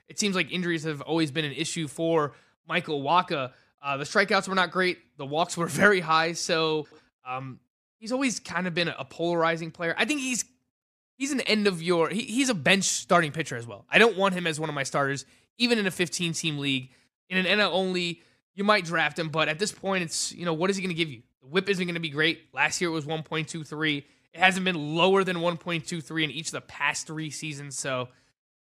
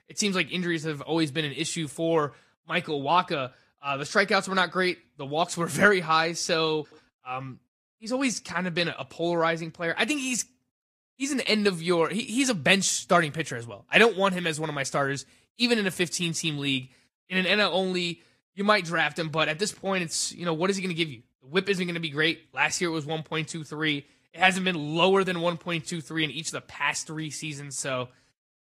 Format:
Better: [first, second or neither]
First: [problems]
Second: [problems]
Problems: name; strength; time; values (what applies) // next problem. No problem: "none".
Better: first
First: none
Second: garbled, watery; slightly